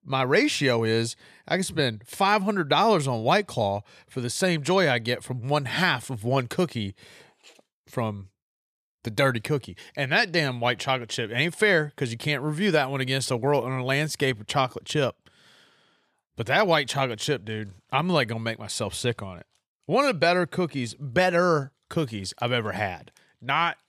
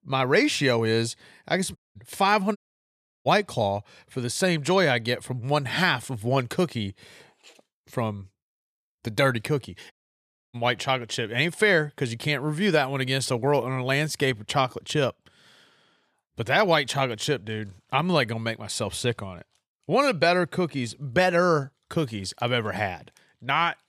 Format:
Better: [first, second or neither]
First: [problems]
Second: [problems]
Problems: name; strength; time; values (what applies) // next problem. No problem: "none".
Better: first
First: none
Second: audio cutting out; at 2 s, at 2.5 s for 0.5 s and at 10 s for 0.5 s